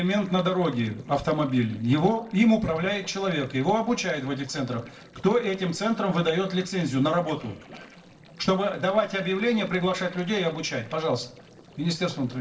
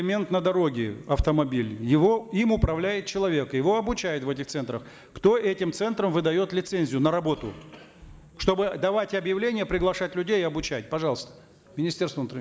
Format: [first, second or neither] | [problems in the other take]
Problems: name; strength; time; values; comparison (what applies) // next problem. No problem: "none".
second | noise reduction (neural separator model SepFormer DNS4)